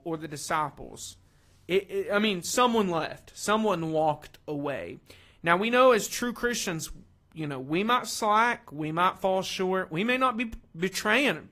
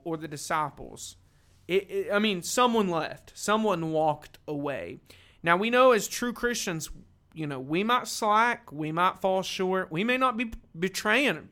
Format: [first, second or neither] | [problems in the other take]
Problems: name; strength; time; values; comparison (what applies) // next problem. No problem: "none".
second | garbled, watery; slightly; nothing above 14.5 kHz